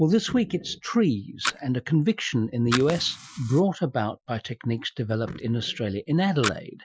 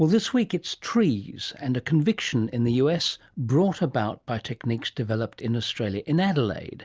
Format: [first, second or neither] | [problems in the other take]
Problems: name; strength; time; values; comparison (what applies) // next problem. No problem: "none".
second | noise reduction (classical method Wiener filter)